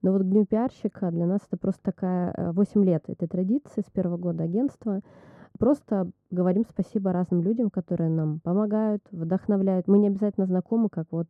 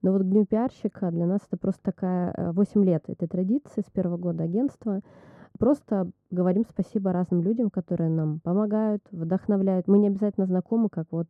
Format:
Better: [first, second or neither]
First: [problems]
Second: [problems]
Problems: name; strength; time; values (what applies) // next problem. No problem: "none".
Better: neither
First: muffled; very; fading above 1 kHz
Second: muffled; very; fading above 1 kHz